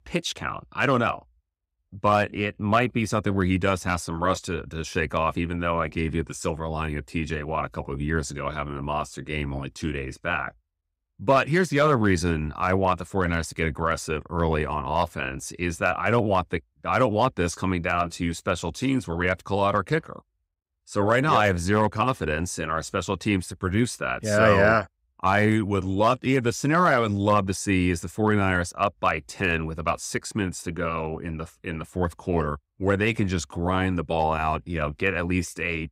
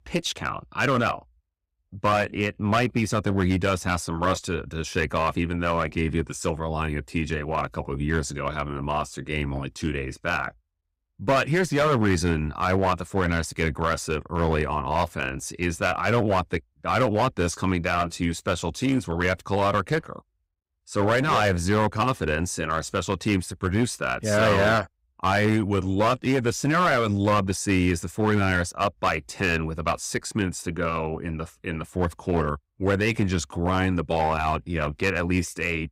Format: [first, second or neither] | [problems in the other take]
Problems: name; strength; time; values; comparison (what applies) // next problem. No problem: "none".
first | distortion; slight; 6% of the sound clipped